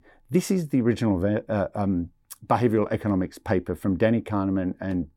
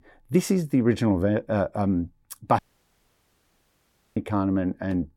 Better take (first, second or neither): first